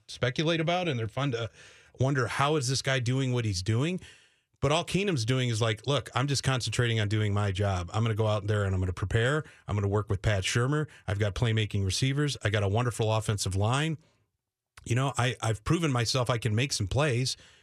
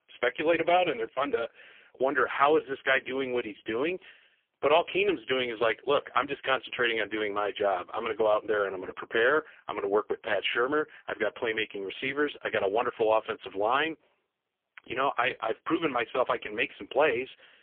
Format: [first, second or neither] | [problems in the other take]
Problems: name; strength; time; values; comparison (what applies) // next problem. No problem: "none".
first | phone-call audio; poor line; nothing above 3.5 kHz